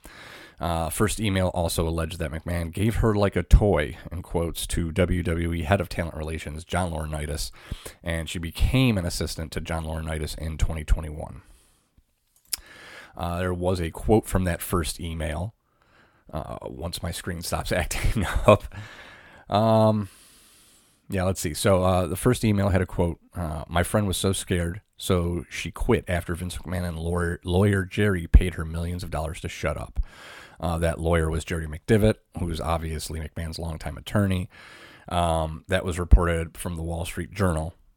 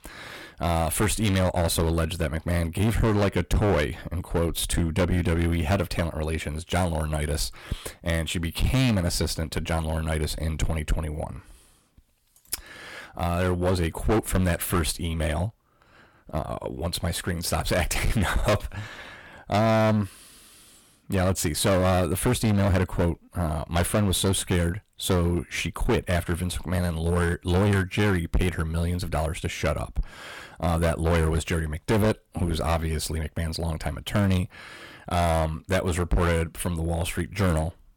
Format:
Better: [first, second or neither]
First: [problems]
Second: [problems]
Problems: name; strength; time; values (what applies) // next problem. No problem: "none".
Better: first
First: none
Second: distortion; heavy; 11% of the sound clipped